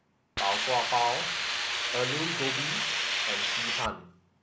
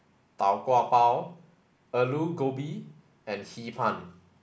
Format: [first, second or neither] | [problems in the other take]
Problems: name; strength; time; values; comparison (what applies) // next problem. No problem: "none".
second | background sound (Hiss); 4 dB above the speech